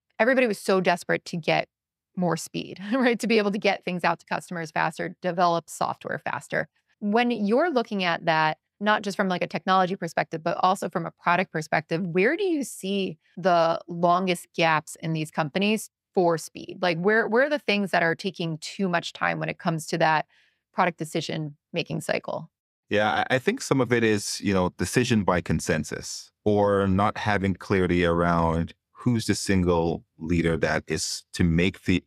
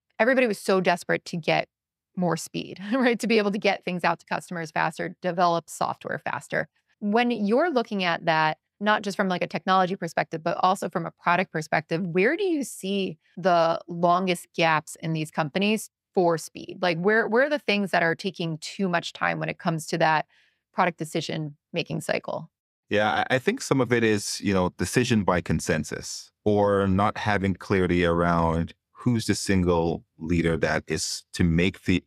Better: neither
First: none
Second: none

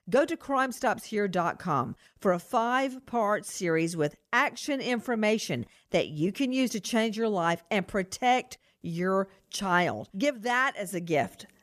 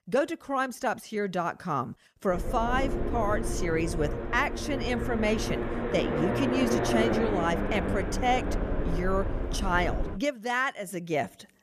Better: first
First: none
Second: low rumble; loud; from 2.5 to 10 s; 4 dB below the speech

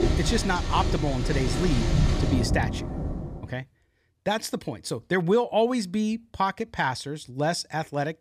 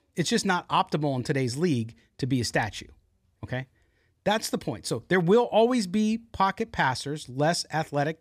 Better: second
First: rain or running water; loud; until 3.5 s; as loud as the speech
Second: none

